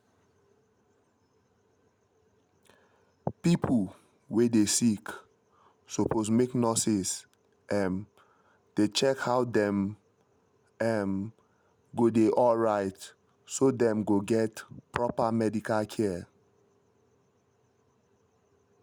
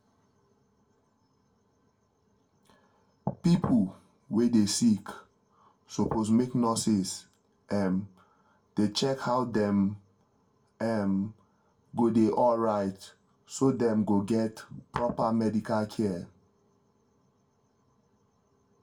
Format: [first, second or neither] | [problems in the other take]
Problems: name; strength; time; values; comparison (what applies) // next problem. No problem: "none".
first | room echo; dies away in 0.2 s